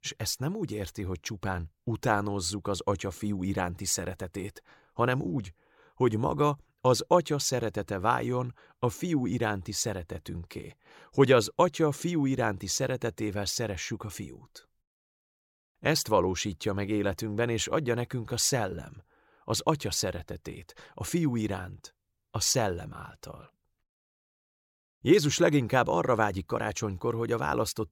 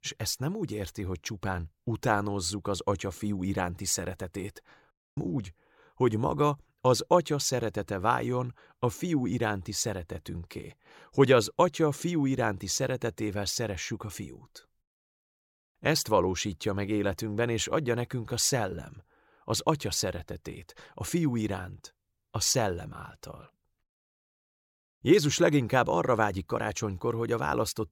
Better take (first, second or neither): first